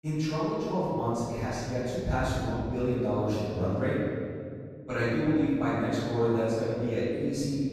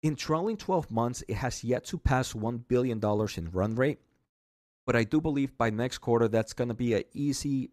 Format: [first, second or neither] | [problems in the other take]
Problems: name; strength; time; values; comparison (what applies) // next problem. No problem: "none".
second | off-mic speech; far // room echo; strong; dies away in 2.1 s